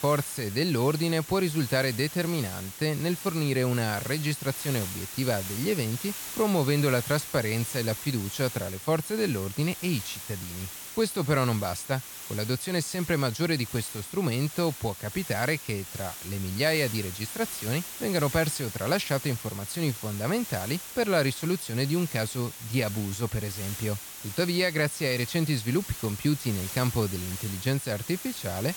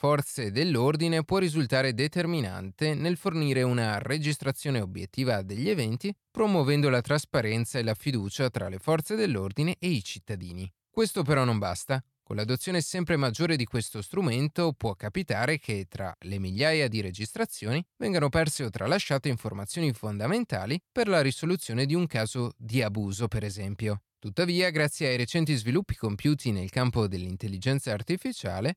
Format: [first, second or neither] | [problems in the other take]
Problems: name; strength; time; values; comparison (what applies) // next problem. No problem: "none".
second | hiss; loud; throughout; 9 dB below the speech